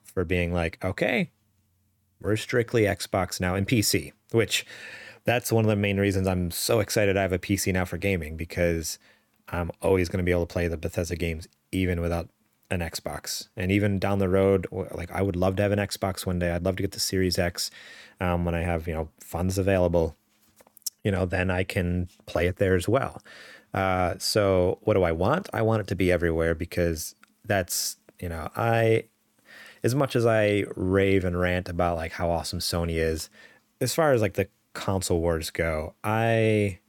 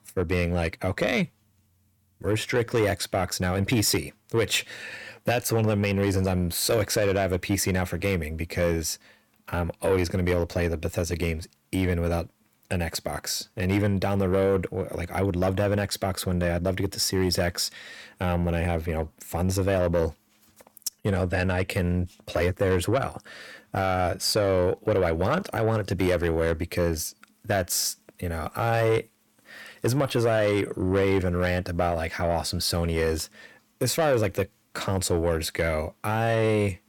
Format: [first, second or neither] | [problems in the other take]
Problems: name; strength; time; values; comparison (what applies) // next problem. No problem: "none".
first | distortion; slight; 10 dB below the speech